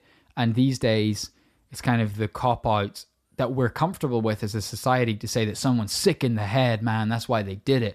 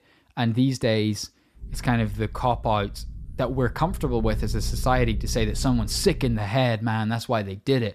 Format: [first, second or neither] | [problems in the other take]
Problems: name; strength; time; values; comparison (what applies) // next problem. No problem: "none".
first | low rumble; faint; from 1.5 to 6.5 s; 25 dB below the speech